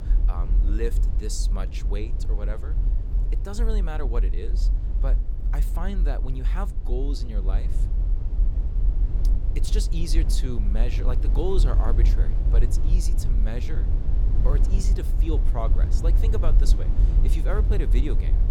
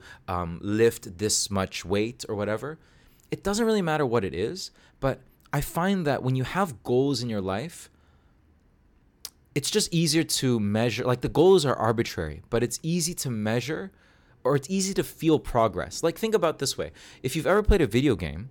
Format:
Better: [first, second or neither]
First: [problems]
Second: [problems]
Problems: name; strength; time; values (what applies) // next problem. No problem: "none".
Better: second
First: low rumble; loud; throughout; 7 dB below the speech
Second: none